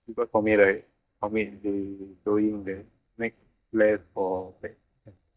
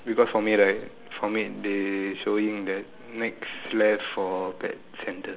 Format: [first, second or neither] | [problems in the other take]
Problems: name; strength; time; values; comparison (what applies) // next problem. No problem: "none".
second | noise reduction (neural mask model DeepFilterNet 3)